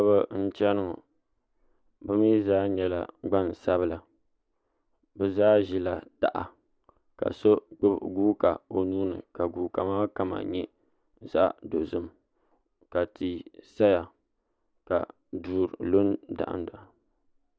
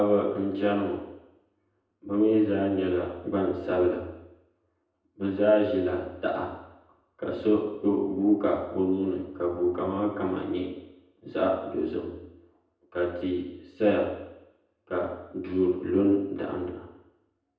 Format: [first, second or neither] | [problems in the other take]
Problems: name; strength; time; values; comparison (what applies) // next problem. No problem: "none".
first | room echo; dies away in 0.9 s